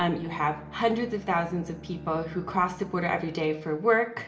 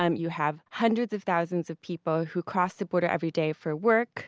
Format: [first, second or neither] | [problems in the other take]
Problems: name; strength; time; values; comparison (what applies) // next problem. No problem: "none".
second | background sound (Bowed string instrument); 18 dB below the speech // room echo; dies away in 1.3 s